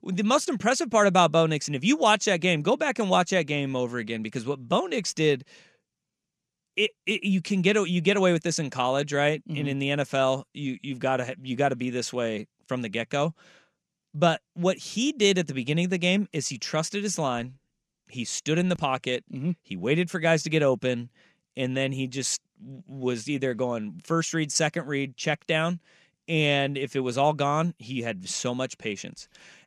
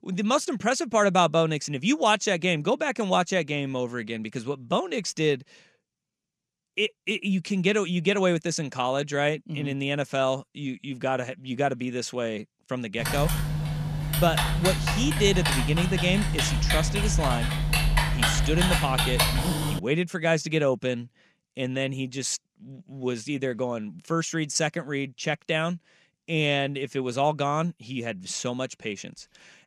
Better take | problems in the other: first | keyboard typing; loud; from 13 to 20 s; peak 4 dB above the speech

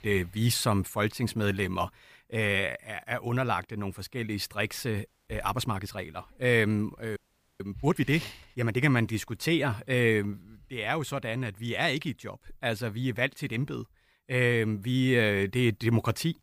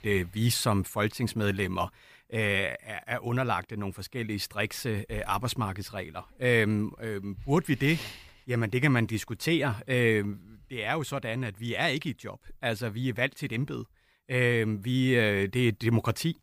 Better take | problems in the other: second | audio freezing; at 5 s and at 7 s

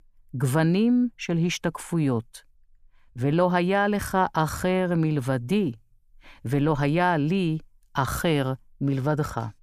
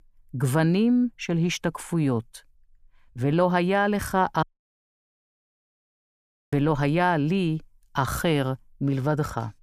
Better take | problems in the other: first | audio cutting out; at 4.5 s for 2 s

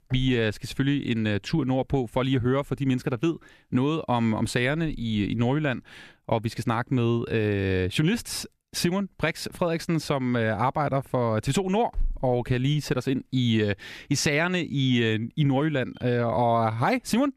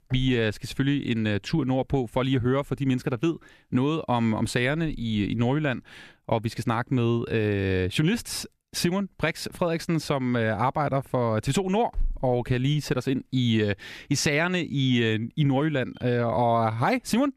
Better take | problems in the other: neither | none

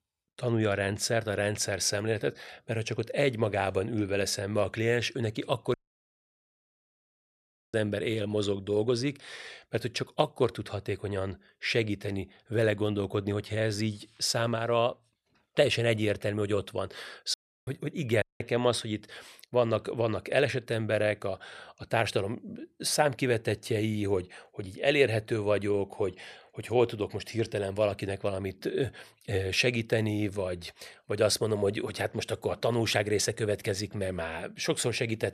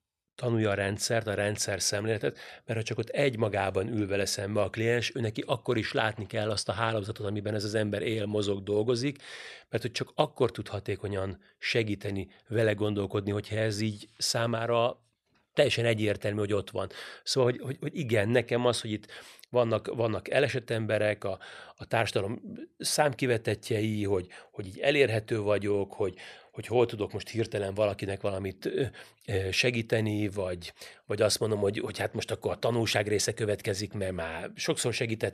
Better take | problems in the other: second | audio cutting out; at 5.5 s for 2 s, at 17 s and at 18 s

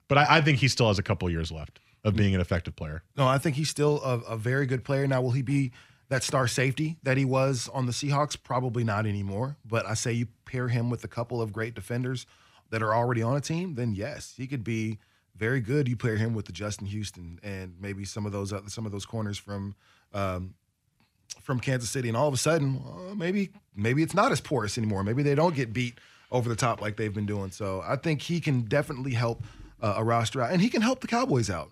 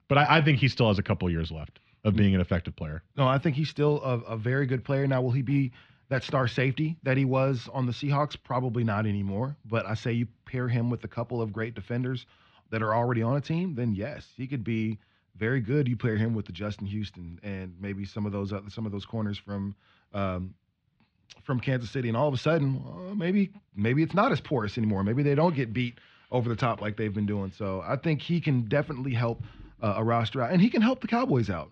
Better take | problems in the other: first | muffled; slightly; fading above 3.5 kHz

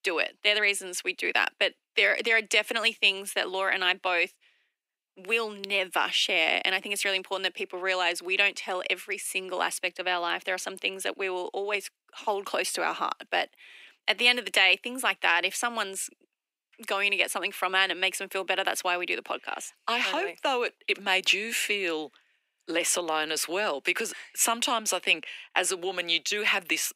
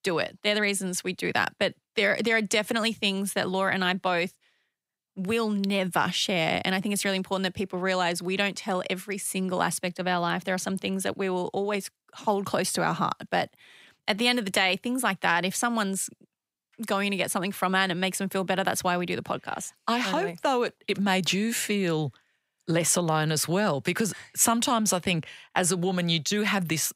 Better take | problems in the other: second | thin; somewhat; fading below 300 Hz

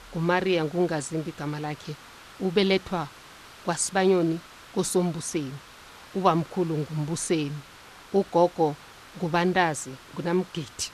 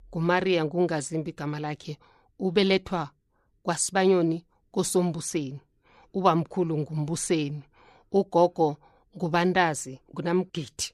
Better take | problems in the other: second | hiss; noticeable; throughout; 20 dB below the speech

